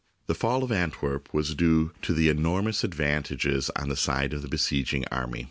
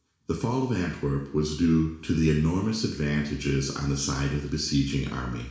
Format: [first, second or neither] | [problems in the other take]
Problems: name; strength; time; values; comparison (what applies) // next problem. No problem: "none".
first | room echo; dies away in 0.7 s